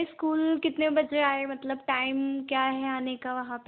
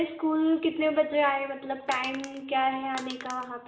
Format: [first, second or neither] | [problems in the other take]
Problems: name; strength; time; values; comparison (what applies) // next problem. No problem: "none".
first | background sound (Crushing); 15 dB below the speech // room echo; dies away in 1.1 s